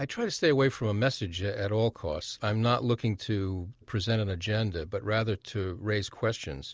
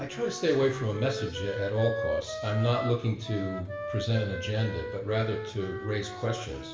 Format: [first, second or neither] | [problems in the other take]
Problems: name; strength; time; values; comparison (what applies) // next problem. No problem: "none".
first | background sound (Wind instrument, woodwind instrument); 7 dB below the speech // room echo; dies away in 1.1 s